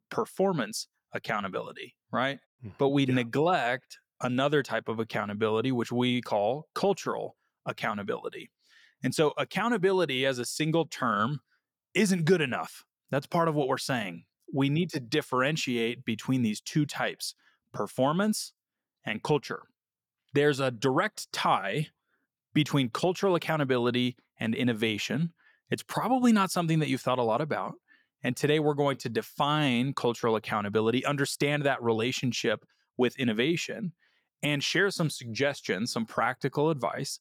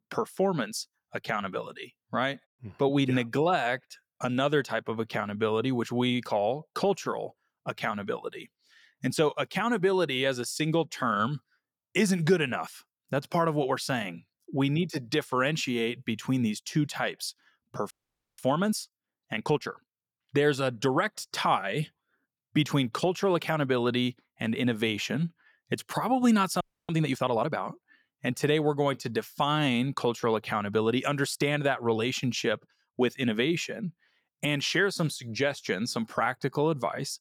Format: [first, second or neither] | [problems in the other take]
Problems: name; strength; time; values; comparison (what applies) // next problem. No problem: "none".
first | audio freezing; at 18 s and at 27 s